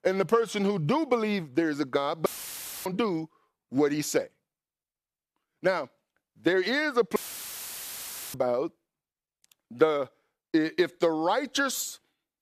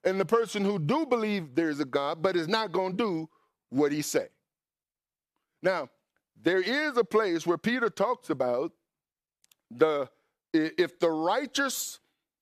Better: second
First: audio cutting out; filled with static; at 2.5 s for 0.5 s and at 7 s for 1 s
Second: none

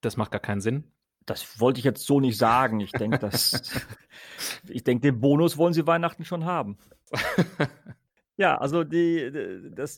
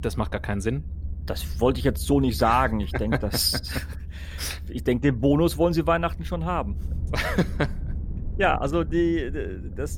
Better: first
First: none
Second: low rumble; faint; throughout; 25 dB below the speech

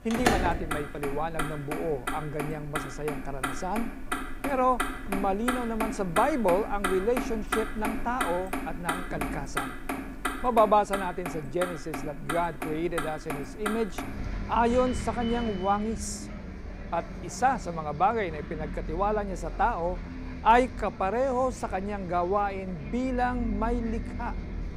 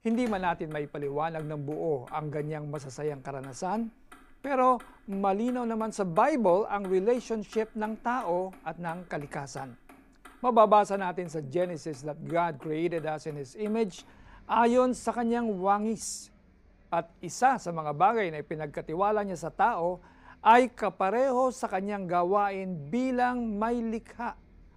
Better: second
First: traffic noise; loud; throughout; 6 dB below the speech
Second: traffic noise; faint; throughout; 25 dB below the speech

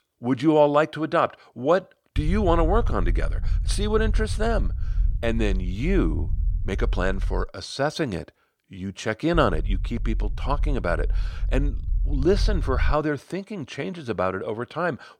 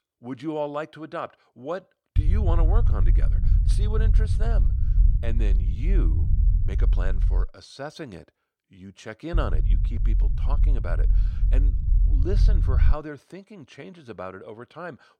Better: first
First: low rumble; faint; from 2 to 7.5 s and from 9.5 to 13 s; 25 dB below the speech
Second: low rumble; loud; from 2 to 7.5 s and from 9.5 to 13 s; 8 dB below the speech

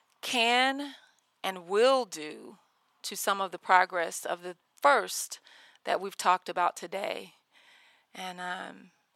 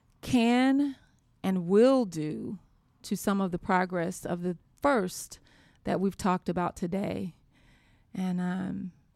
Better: second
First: thin; very; fading below 800 Hz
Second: none

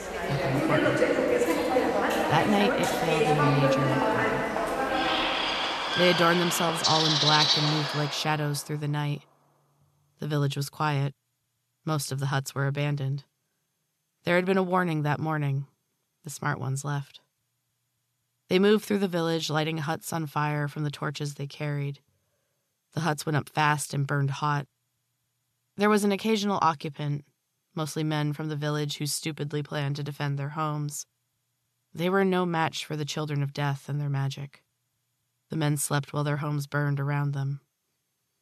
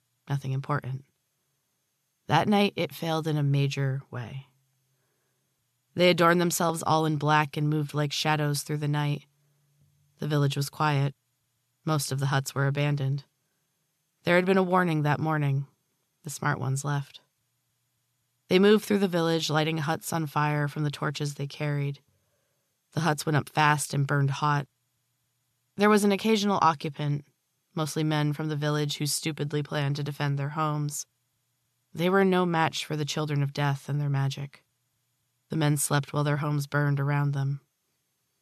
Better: second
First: animal sounds; very loud; until 8 s; 3 dB above the speech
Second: none

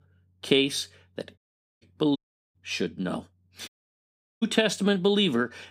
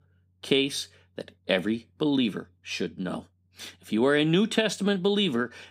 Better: second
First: audio cutting out; at 1.5 s, at 2 s and at 3.5 s for 0.5 s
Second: none

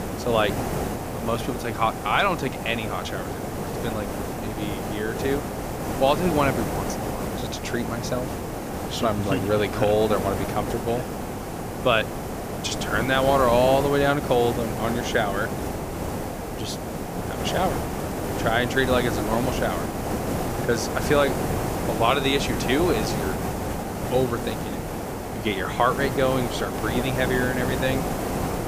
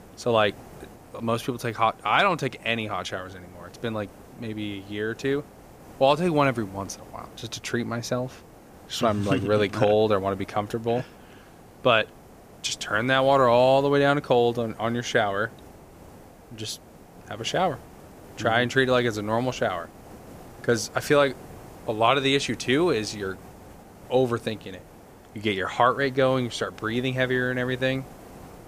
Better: second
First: hiss; loud; throughout; 4 dB below the speech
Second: hiss; faint; throughout; 20 dB below the speech

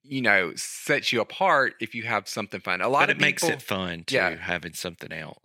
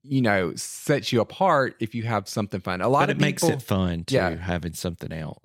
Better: second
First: thin; somewhat; fading below 400 Hz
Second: none

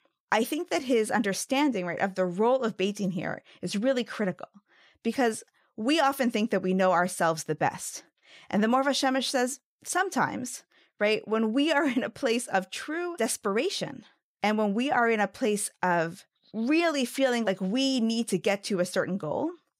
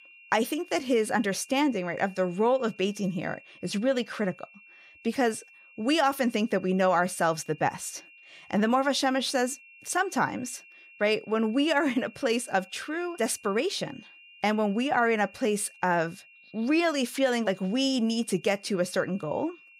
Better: first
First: none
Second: high-pitched whine; faint; throughout; 3 kHz, 25 dB below the speech

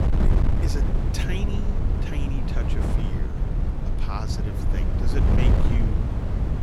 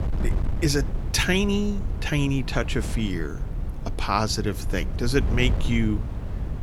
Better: second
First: wind noise on the microphone; heavy; 3 dB above the speech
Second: wind noise on the microphone; occasional gusts; 15 dB below the speech

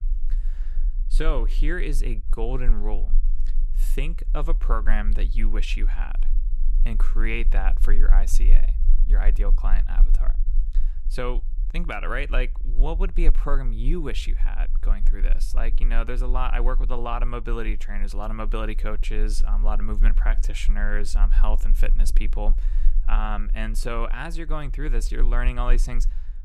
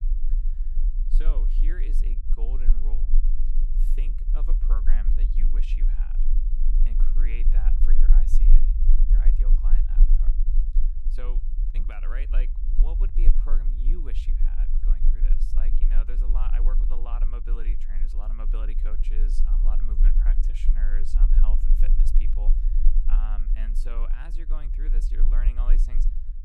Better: first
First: low rumble; faint; throughout; 20 dB below the speech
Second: low rumble; loud; throughout; 5 dB below the speech

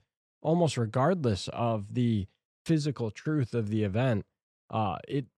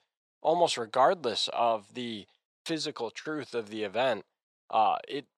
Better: first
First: none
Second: thin; very; fading below 500 Hz

